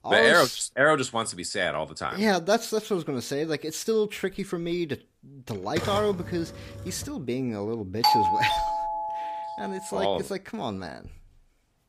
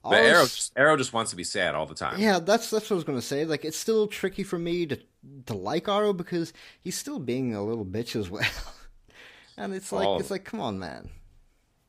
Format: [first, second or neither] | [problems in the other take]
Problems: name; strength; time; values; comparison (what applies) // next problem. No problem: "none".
second | keyboard typing; noticeable; from 5.5 to 7 s; peak 6 dB below the speech // doorbell; loud; from 8 to 9.5 s; peak 6 dB above the speech